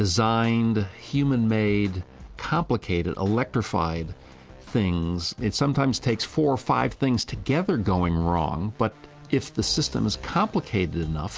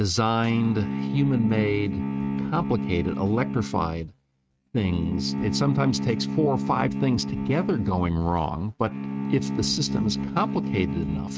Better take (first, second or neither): first